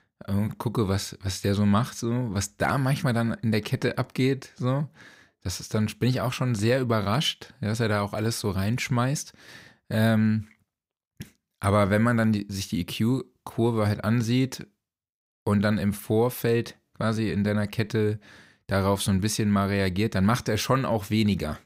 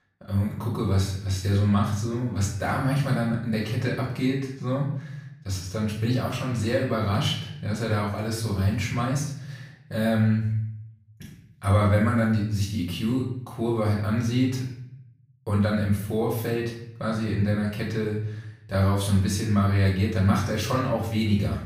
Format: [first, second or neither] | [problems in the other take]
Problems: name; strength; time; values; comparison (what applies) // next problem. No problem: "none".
first | off-mic speech; far // room echo; noticeable; dies away in 0.7 s